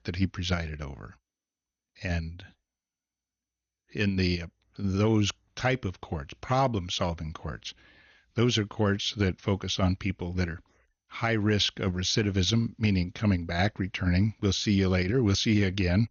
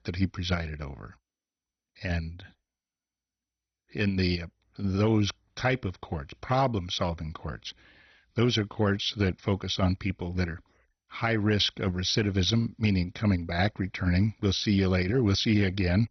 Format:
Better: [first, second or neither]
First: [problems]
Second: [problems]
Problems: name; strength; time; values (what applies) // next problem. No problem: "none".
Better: first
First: garbled, watery; slightly; nothing above 6.5 kHz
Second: garbled, watery; badly; nothing above 6 kHz